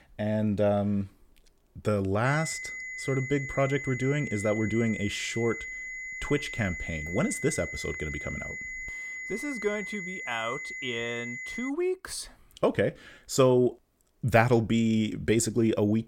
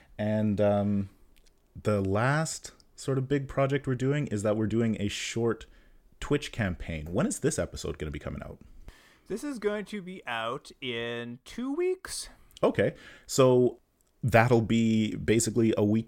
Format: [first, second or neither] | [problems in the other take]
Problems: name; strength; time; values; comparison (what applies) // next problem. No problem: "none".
second | high-pitched whine; loud; from 2.5 to 12 s; 2 kHz, 7 dB below the speech